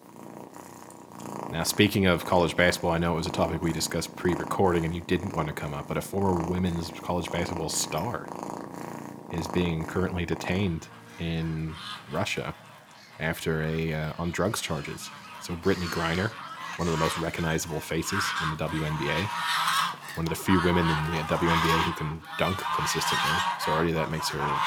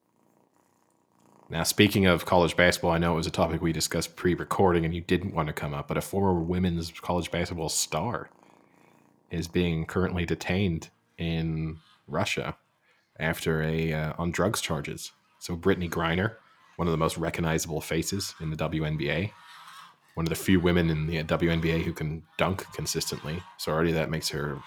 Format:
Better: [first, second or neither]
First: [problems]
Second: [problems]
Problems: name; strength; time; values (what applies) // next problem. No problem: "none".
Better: second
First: animal sounds; loud; throughout; 4 dB below the speech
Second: animal sounds; faint; throughout; 25 dB below the speech